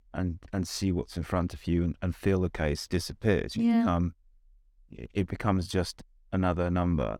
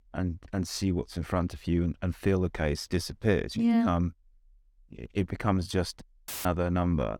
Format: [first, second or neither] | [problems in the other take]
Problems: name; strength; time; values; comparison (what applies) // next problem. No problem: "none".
first | audio cutting out; filled with static; at 6.5 s